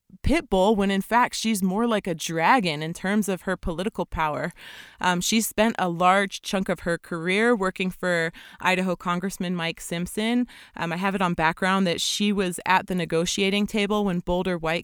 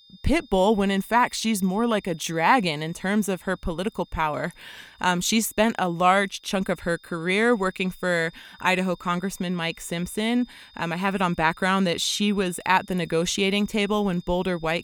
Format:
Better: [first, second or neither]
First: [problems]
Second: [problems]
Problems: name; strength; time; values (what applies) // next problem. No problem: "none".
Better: first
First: none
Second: high-pitched whine; faint; throughout; 3.5 kHz, 30 dB below the speech